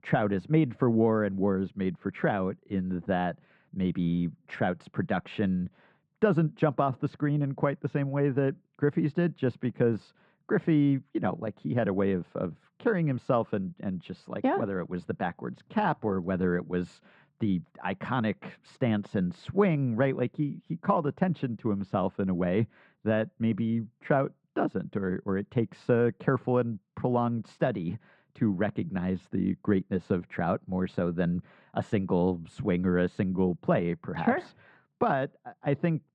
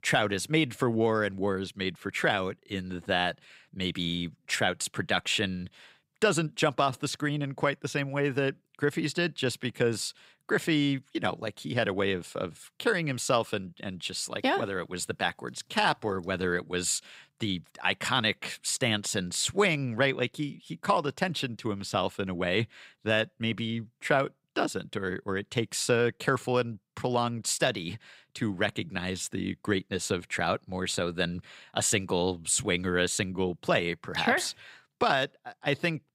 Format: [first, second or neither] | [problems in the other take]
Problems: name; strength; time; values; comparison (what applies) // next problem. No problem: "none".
second | muffled; very; fading above 1 kHz